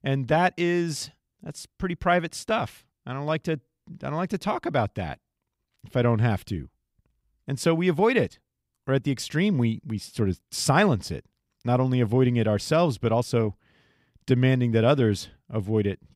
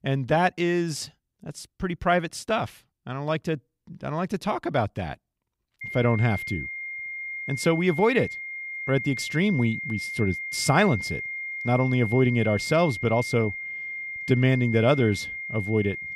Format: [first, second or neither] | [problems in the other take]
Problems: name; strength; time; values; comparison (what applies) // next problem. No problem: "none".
first | high-pitched whine; loud; from 6 s on; 2 kHz, 7 dB below the speech